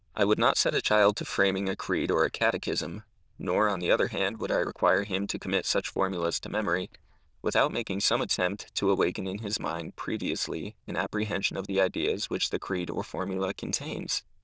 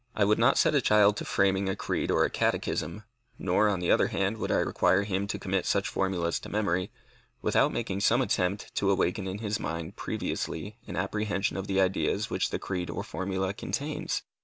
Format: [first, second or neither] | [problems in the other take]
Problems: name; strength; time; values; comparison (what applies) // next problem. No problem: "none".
second | noise reduction (neural diffusion model UNIVERSE++)